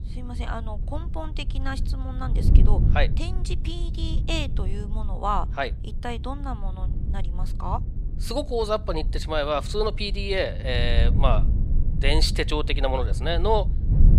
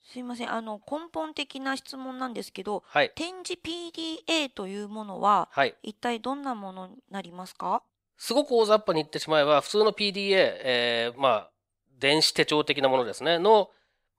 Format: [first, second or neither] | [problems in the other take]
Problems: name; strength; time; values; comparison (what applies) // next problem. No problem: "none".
second | wind noise on the microphone; occasional gusts; 15 dB below the speech